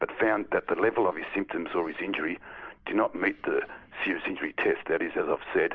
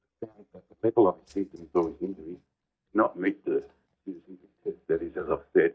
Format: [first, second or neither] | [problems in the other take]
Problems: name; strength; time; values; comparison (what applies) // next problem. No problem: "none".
first | noise reduction (neural mask model DeepFilterNet 3)